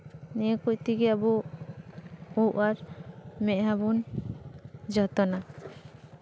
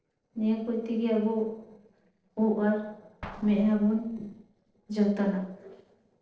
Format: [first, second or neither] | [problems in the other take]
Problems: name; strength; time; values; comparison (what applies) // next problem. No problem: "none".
first | noise reduction (neural separator model SepFormer DNS4)